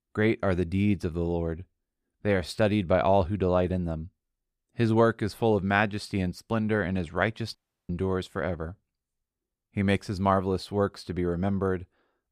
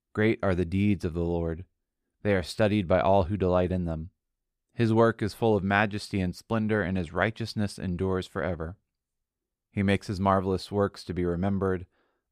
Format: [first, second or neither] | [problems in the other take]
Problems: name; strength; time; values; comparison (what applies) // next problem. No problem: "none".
second | audio cutting out; at 7.5 s